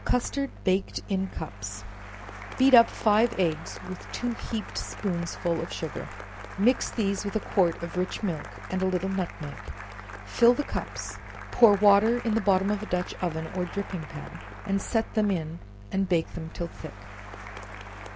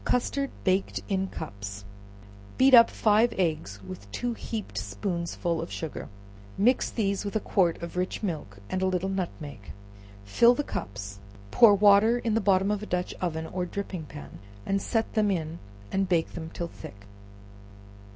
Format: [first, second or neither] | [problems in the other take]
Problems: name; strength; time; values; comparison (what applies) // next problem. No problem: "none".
second | background sound (Applause); 15 dB below the speech